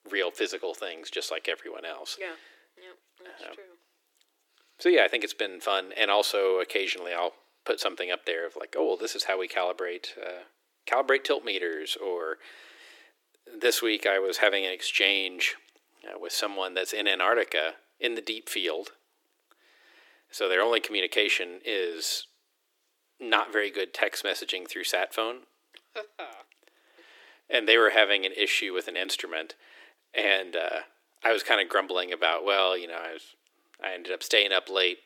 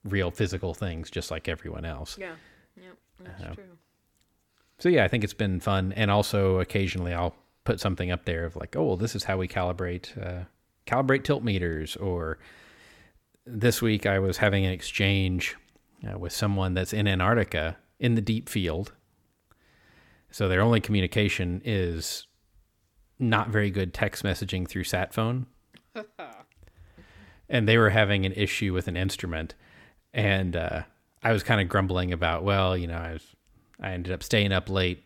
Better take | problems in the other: second | thin; very; fading below 350 Hz

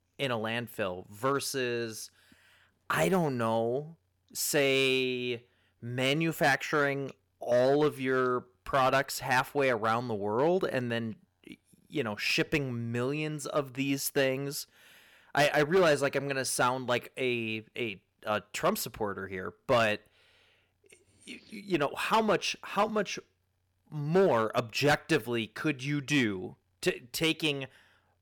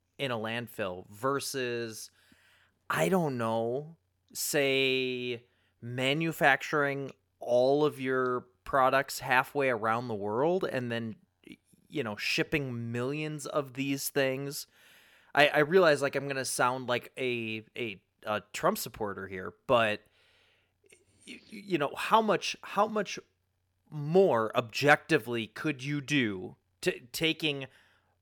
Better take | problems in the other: second | distortion; slight; 3% of the sound clipped

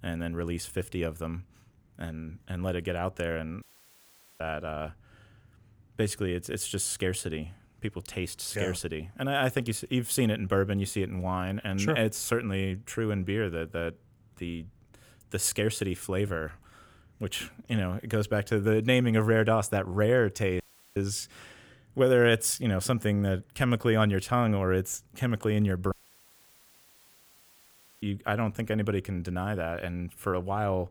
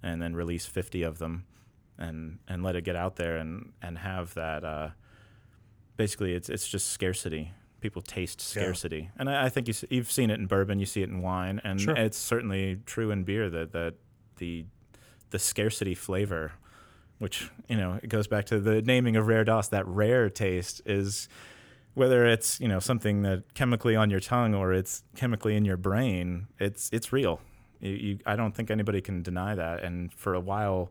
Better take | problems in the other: second | audio cutting out; at 3.5 s for 1 s, at 21 s and at 26 s for 2 s

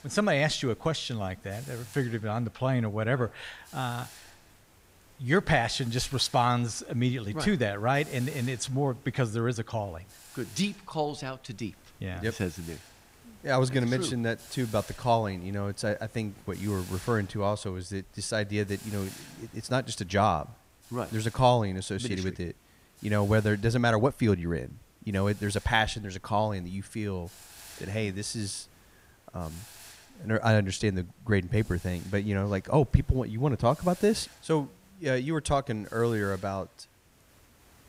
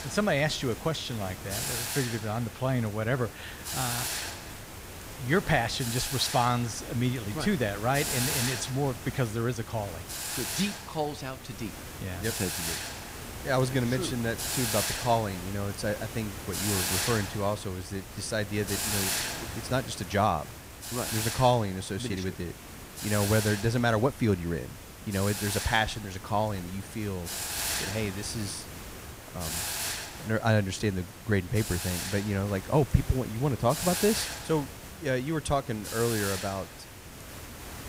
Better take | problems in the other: first | hiss; loud; throughout; 5 dB below the speech; faint in the first

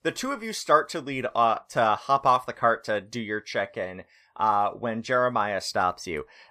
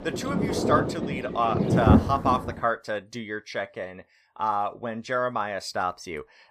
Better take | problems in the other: first | rain or running water; very loud; until 2.5 s; 3 dB above the speech

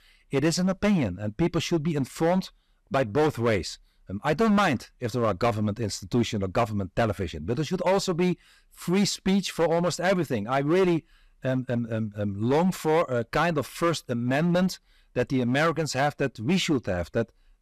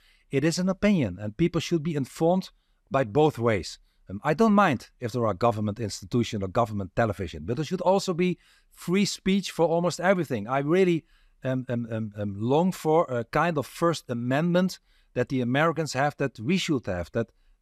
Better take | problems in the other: second | distortion; slight; 8% of the sound clipped

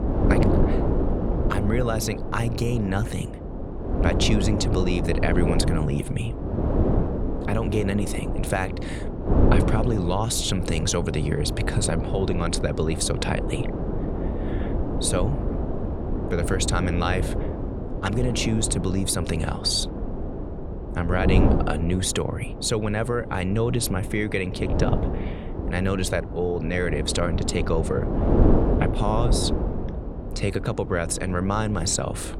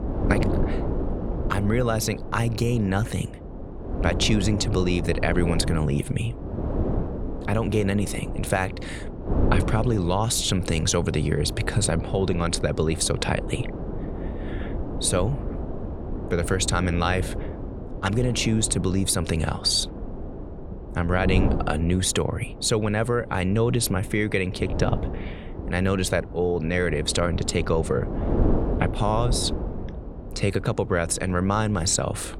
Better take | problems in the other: second | wind noise on the microphone; heavy; 4 dB below the speech; occasional gusts in the second

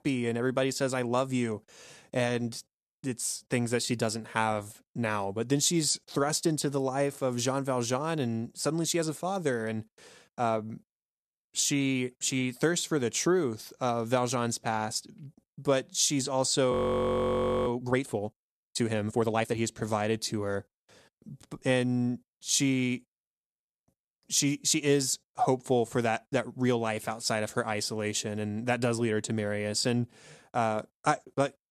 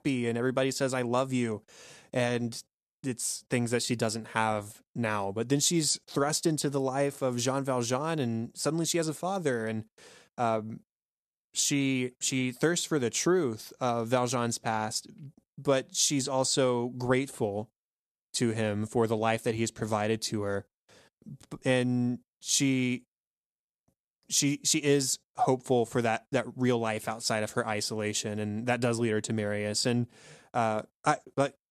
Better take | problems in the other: second | audio freezing; at 17 s for 1 s

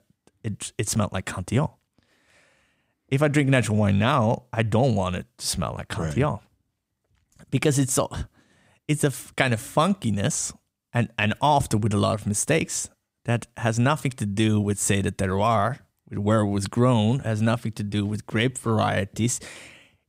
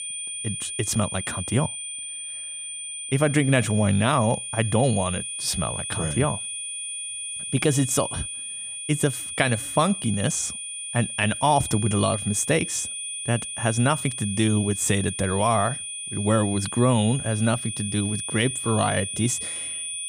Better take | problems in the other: first | high-pitched whine; loud; throughout; 9.5 kHz, 6 dB below the speech

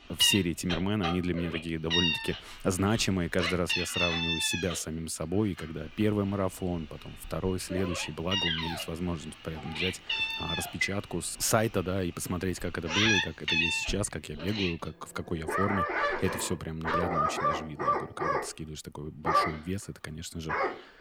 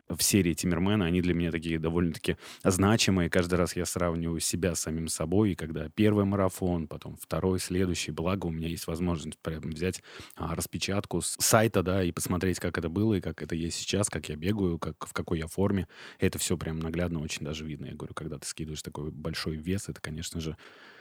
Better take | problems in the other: second | animal sounds; very loud; throughout; 2 dB above the speech

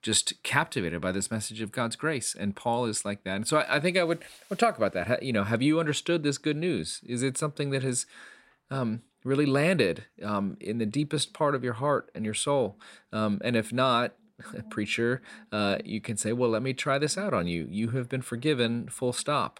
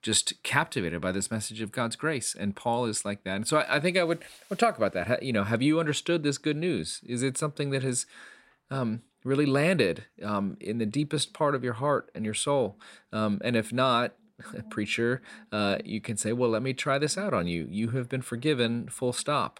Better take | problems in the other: neither | none

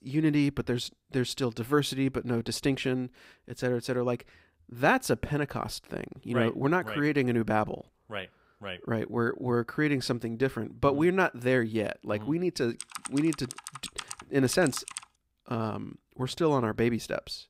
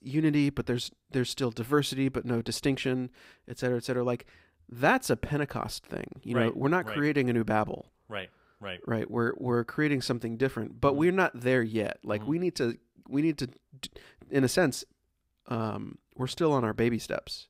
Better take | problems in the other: second | keyboard typing; noticeable; from 13 to 15 s; peak 8 dB below the speech

